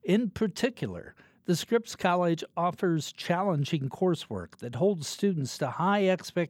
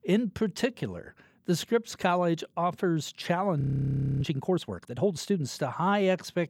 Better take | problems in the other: first | audio freezing; at 3.5 s for 0.5 s

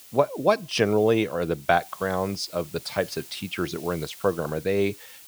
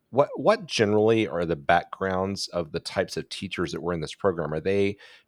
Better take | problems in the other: second | hiss; noticeable; throughout; 20 dB below the speech

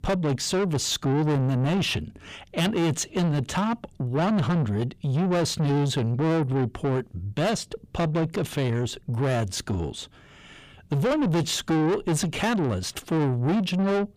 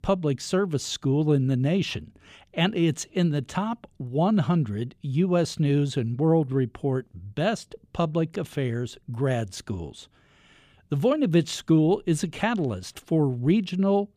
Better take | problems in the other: second | distortion; heavy; 7 dB below the speech

